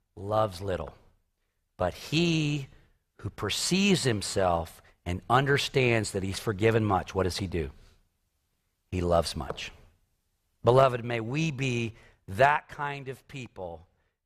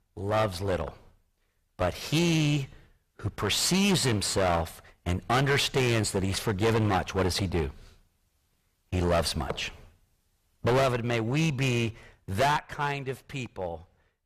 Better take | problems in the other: first | distortion; heavy; 11% of the sound clipped

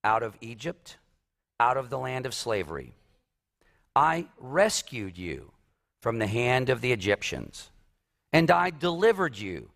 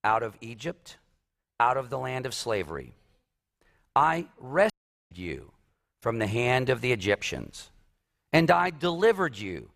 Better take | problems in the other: first | audio cutting out; at 4.5 s

